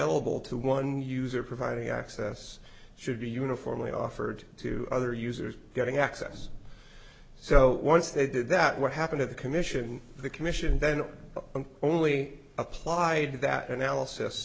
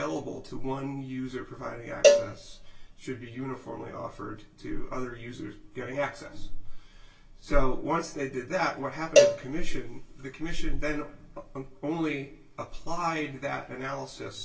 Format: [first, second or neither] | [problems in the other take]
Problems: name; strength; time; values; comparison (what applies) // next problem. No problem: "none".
first | background sound (Cowbell); 4 dB above the speech // room echo; dies away in 0.2 s